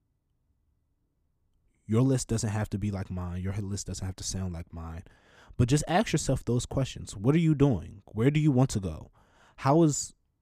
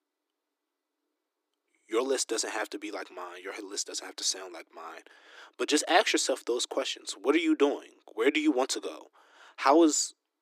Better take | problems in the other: first | thin; very; fading below 300 Hz

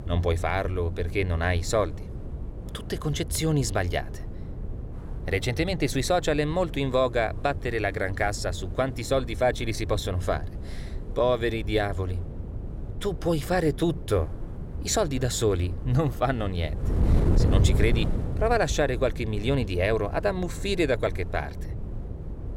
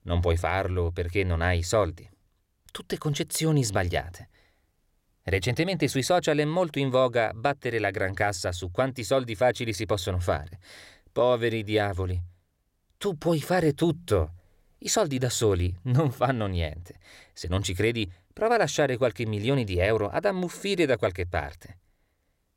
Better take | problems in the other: second | wind noise on the microphone; occasional gusts; 15 dB below the speech

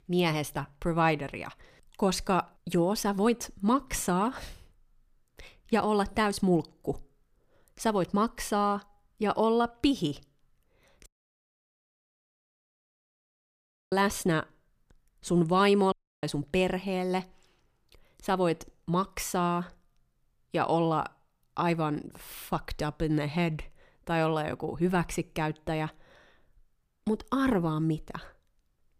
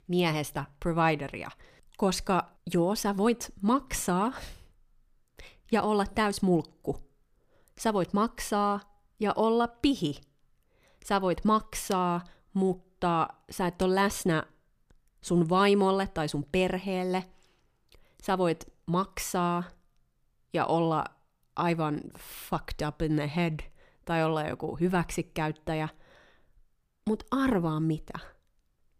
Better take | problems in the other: second | audio cutting out; at 11 s for 3 s and at 16 s

